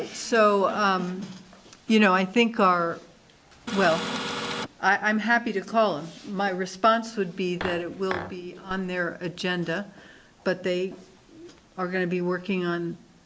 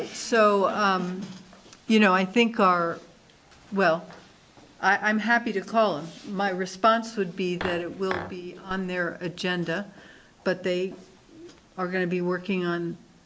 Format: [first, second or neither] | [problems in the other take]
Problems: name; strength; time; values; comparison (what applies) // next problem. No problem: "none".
second | background sound (Printer); 4 dB below the speech